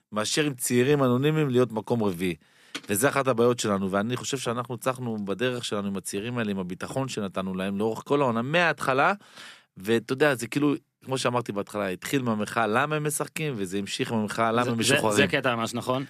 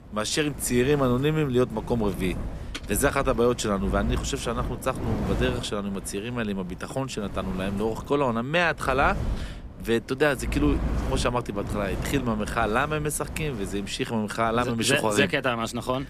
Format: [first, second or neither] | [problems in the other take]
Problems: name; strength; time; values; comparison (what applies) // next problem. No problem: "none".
first | wind noise on the microphone; occasional gusts; 15 dB below the speech